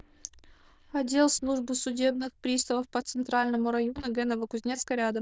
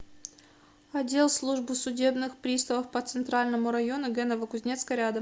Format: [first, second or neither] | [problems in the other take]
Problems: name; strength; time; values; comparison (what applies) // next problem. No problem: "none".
second | noise reduction (neural diffusion model UNIVERSE++)